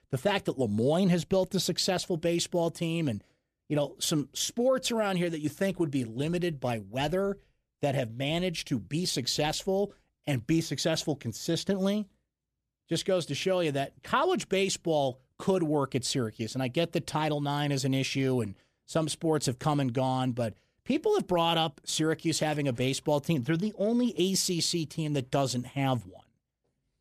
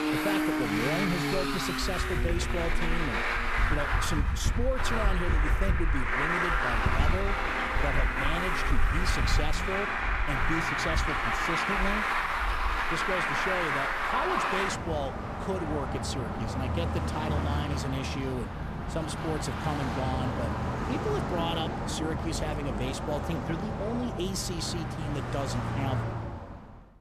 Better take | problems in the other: first | traffic noise; very loud; throughout; 5 dB above the speech

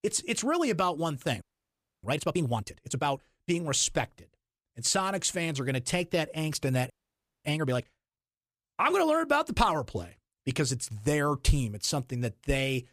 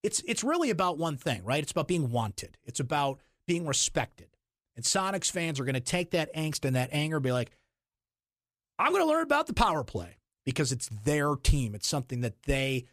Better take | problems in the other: second | audio freezing; at 1.5 s for 0.5 s and at 7 s for 0.5 s

